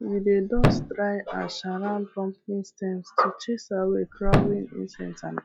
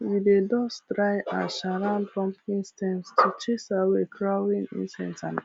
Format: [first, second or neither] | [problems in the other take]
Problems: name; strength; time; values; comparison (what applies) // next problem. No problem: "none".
second | noise reduction (classical method log-MMSE)